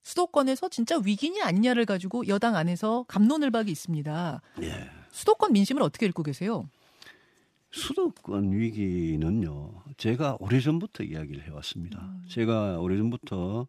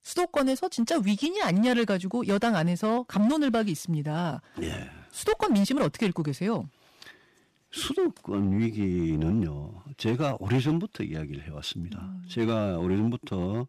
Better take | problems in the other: first | distortion; slight; 6% of the sound clipped

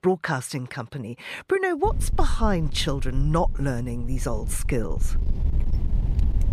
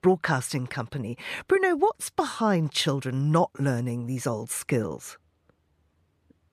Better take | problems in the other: second | wind noise on the microphone; occasional gusts; from 2 s on; 20 dB below the speech

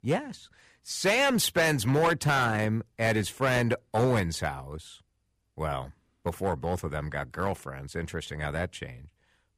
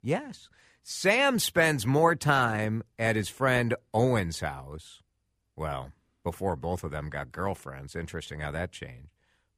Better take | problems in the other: second | distortion; slight; 4% of the sound clipped

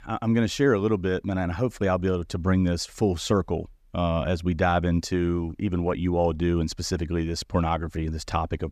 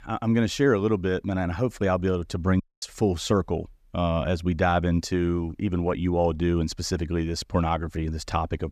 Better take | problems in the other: first | audio cutting out; at 2.5 s

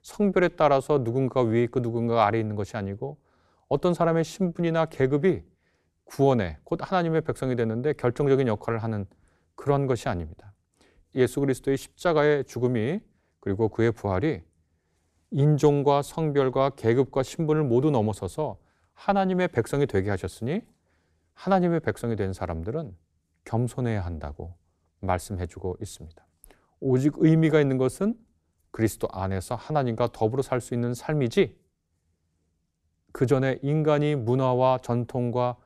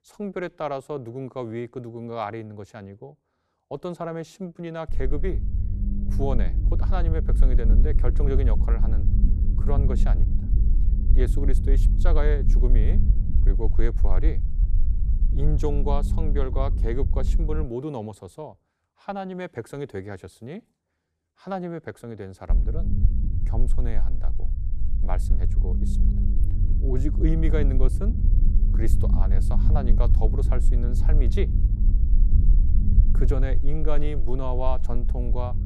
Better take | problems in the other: first | low rumble; loud; from 5 to 18 s and from 23 s on; 8 dB below the speech

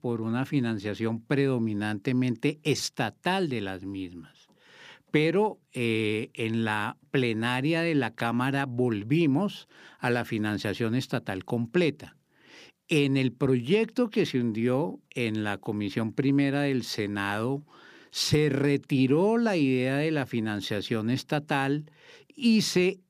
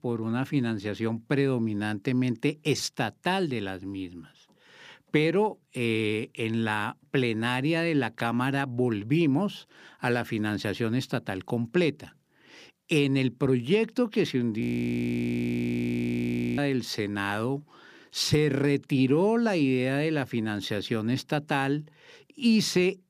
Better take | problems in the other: first | audio freezing; at 15 s for 2 s

